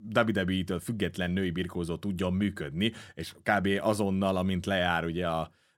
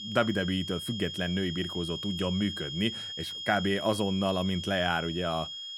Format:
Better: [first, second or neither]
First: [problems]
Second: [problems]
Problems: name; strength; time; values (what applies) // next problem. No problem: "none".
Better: first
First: none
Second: high-pitched whine; loud; throughout; 3.5 kHz, 6 dB below the speech